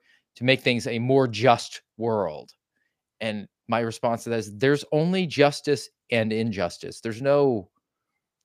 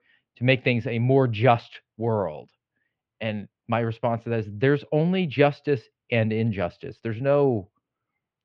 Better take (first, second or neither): first